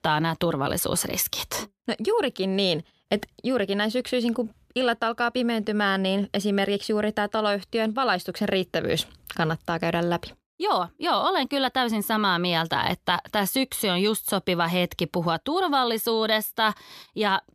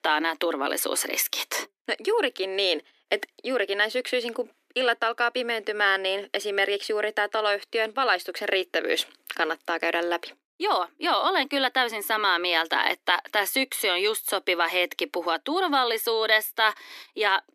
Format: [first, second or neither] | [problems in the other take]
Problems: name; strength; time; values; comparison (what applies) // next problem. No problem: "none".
first | thin; somewhat; fading below 300 Hz